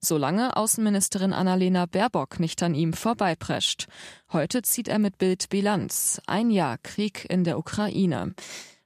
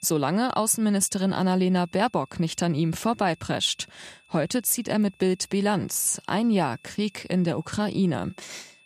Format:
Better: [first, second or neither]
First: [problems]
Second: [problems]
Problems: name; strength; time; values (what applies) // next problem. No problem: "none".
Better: first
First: none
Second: high-pitched whine; faint; throughout; 2.5 kHz, 30 dB below the speech